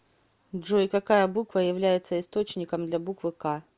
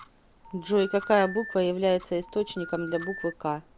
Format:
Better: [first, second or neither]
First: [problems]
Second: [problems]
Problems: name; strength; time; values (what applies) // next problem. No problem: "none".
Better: first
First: none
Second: background sound (Tick-tock + Telephone); 15 dB below the speech